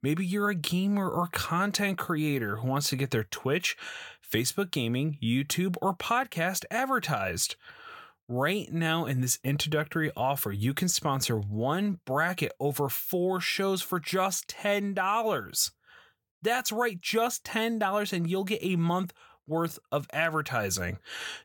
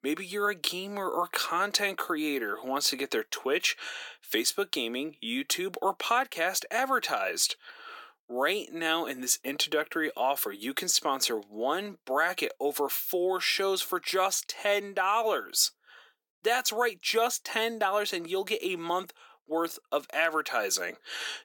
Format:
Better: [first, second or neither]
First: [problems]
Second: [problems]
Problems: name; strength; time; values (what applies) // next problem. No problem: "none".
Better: first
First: none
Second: thin; somewhat; fading below 300 Hz